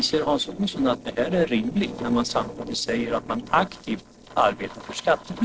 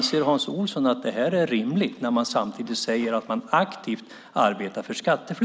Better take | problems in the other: second | noise reduction (neural separator model SepFormer DNS4)

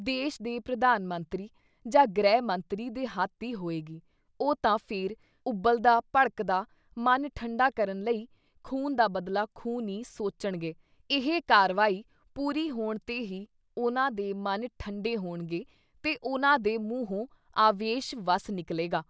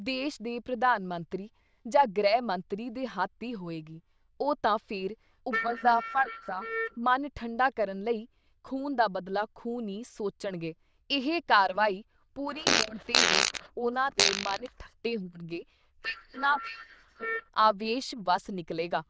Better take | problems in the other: first | noise reduction (neural diffusion model UNIVERSE++)

